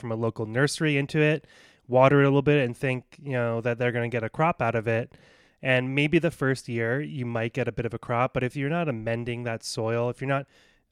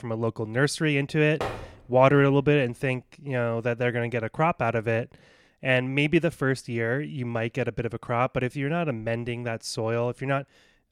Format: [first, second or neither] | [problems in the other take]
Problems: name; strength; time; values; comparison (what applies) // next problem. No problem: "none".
first | door banging; noticeable; at 1.5 s; peak 8 dB below the speech